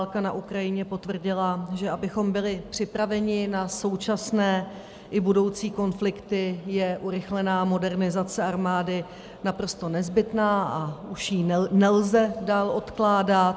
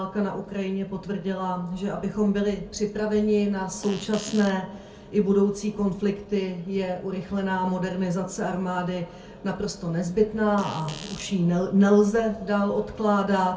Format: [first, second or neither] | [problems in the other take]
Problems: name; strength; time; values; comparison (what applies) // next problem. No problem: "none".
first | background sound (Fart); 15 dB below the speech // room echo; dies away in 0.3 s